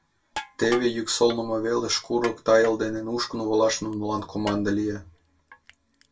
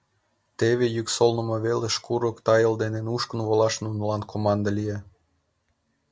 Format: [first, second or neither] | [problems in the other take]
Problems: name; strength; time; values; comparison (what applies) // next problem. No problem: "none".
second | background sound (Crushing); 17 dB below the speech // room echo; dies away in 0.2 s